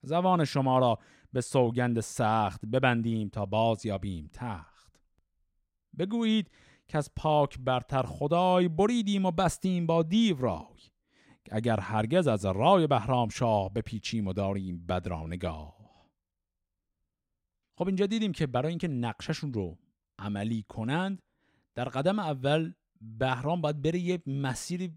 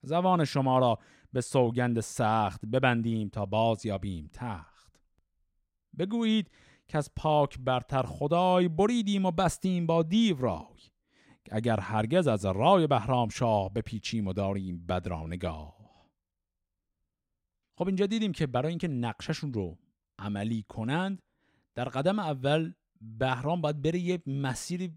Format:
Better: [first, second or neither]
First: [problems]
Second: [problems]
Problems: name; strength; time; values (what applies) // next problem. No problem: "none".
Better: neither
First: none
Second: none